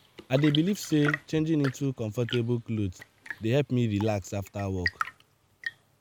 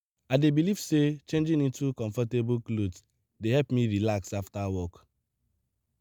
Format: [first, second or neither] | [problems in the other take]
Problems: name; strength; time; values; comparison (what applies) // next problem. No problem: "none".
second | background sound (Tap / Fill (with liquid) / Trickle, dribble / Chirp, tweet / Engine); 11 dB below the speech